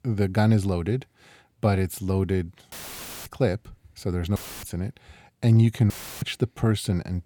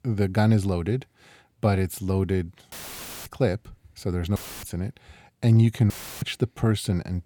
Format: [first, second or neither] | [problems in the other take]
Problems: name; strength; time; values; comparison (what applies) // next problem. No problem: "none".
neither | audio cutting out; filled with static; at 2.5 s for 0.5 s, at 4.5 s and at 6 s; the same in both